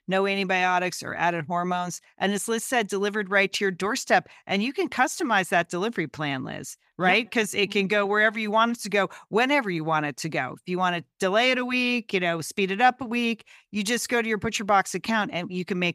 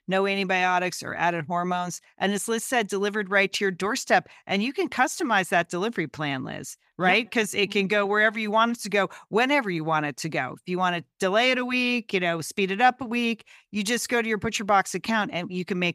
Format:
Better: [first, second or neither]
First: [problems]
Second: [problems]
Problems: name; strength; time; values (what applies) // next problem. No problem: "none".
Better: neither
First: none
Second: none